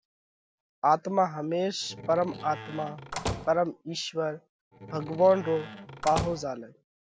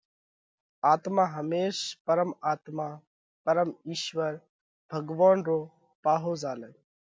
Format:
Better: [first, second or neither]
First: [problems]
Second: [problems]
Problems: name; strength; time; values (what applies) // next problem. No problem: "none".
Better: second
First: background sound (Slam); 9 dB below the speech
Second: none